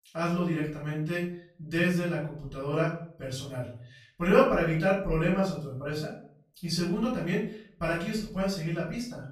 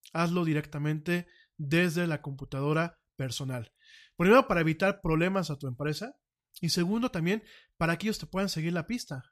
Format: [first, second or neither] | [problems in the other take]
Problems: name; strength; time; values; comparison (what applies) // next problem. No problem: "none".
second | off-mic speech; far // room echo; noticeable; dies away in 0.4 s